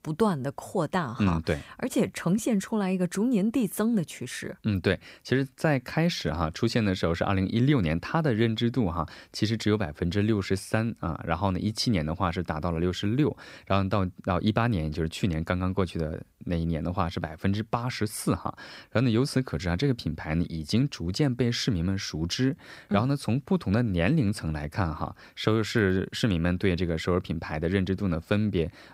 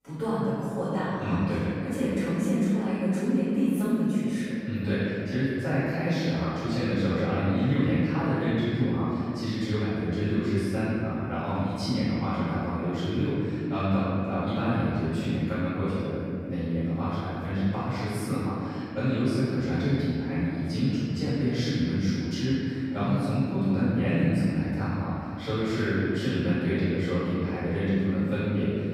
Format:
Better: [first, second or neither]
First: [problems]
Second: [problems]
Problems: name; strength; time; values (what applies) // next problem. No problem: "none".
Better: first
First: none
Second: room echo; strong; dies away in 2.6 s // off-mic speech; far